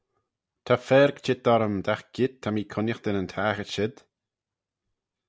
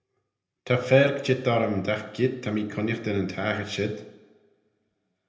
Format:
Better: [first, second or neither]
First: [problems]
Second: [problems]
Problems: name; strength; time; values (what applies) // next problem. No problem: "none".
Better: first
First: none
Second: room echo; dies away in 0.7 s